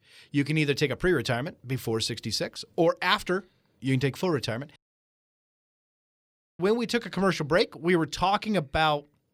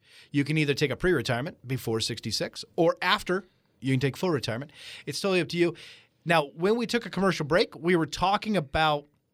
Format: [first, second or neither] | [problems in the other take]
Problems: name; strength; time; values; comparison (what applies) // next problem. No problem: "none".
second | audio cutting out; at 5 s for 2 s